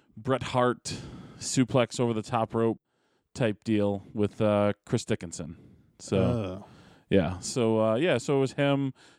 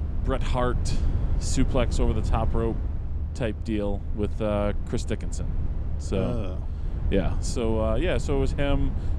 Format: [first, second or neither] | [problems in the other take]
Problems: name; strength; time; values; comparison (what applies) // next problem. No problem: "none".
first | low rumble; noticeable; throughout; 15 dB below the speech